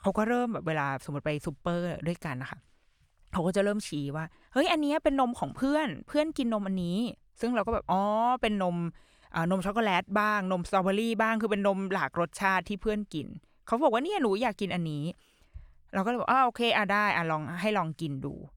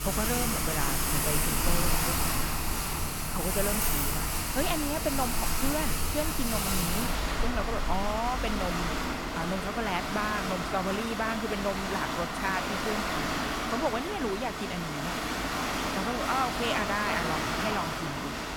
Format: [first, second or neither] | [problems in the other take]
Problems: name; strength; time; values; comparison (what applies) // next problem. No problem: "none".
first | rain or running water; very loud; throughout; 4 dB above the speech